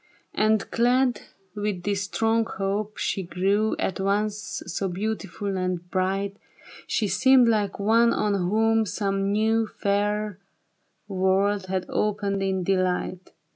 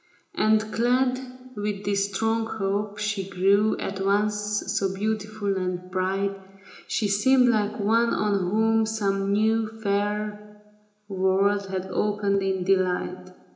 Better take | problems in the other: first | room echo; dies away in 0.8 s

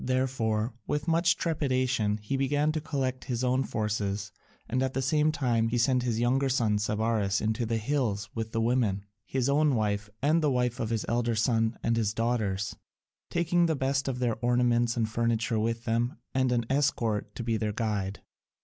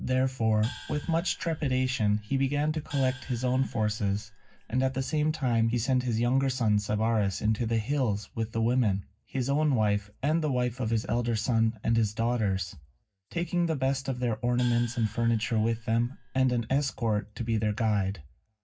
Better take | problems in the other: first | background sound (Gong); 20 dB below the speech // room echo; dies away in 0.4 s

